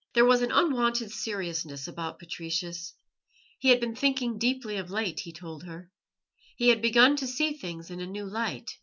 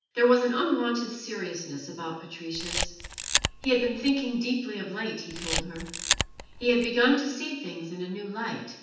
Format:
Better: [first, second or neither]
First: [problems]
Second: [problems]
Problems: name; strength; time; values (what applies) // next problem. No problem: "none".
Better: first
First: none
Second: background sound (Camera); 3 dB below the speech // room echo; dies away in 0.9 s